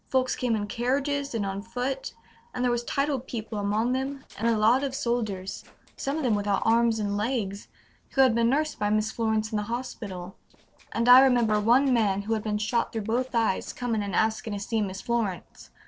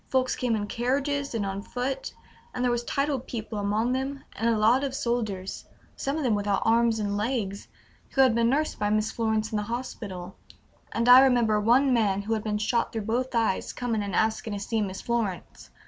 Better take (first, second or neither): second